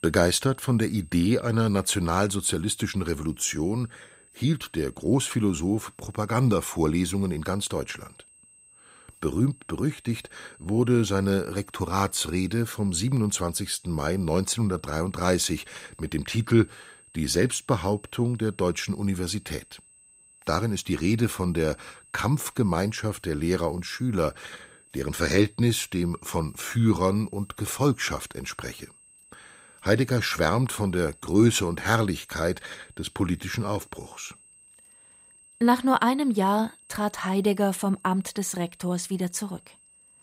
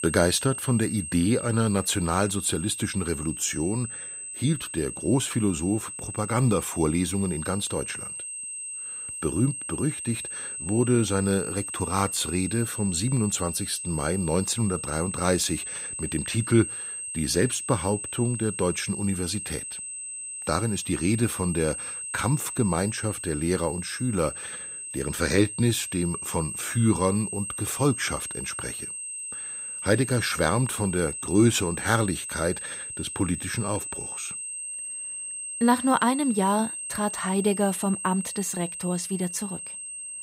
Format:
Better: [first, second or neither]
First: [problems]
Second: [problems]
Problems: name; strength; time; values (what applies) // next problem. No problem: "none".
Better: first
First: high-pitched whine; faint; throughout; 8.5 kHz, 25 dB below the speech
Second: high-pitched whine; loud; throughout; 8.5 kHz, 6 dB below the speech